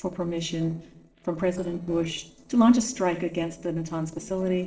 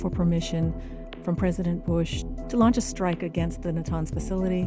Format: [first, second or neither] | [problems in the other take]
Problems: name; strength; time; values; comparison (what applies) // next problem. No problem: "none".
second | noise reduction (neural separator model SepFormer DNS4)